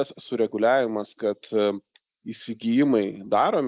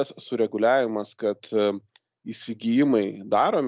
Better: second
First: noise reduction (neural mask model Resemble Enhance denoiser)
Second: none

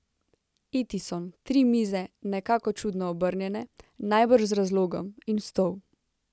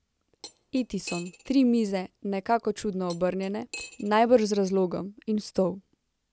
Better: first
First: none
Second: background sound (Cutlery, silverware); 19 dB below the speech

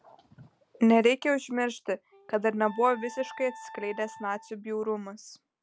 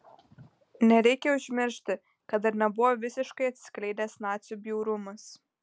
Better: second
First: background sound (Wind instrument, woodwind instrument); 19 dB below the speech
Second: none

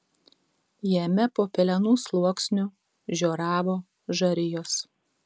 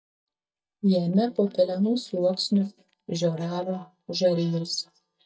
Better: first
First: none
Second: noise reduction (neural mask model DeepFilterNet 3)

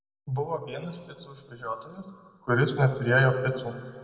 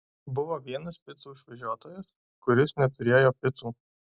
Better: second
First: room echo; dies away in 2 s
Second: none

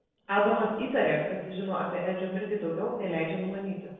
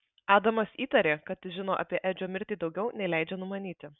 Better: second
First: noise reduction (neural separator model SepFormer DNS4)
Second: none

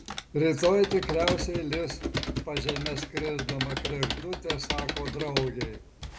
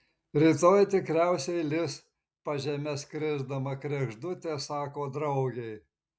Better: second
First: background sound (Computer keyboard); 4 dB below the speech // room echo; dies away in 0.8 s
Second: none

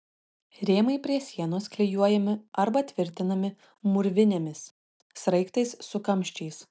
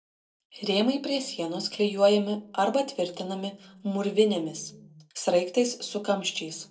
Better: first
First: none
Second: room echo; dies away in 0.2 s

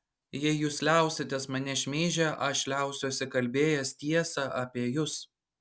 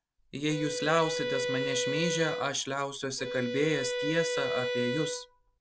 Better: first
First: none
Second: background sound (Bowed string instrument); 2 dB below the speech

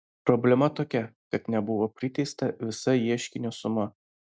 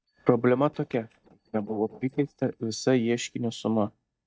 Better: first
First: none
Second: noise reduction (neural mask model DeepFilterNet 3)

